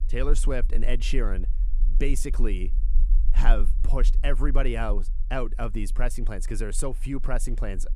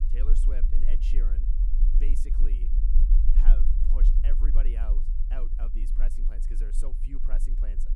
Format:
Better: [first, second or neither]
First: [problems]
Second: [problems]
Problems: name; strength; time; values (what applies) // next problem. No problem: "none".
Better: first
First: low rumble; faint; throughout; 20 dB below the speech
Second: low rumble; loud; throughout; 3 dB below the speech